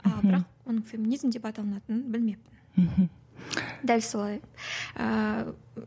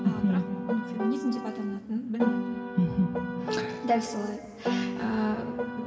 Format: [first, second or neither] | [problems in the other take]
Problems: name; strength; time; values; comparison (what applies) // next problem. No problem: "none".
first | background sound (Piano); 4 dB below the speech // room echo; dies away in 2.2 s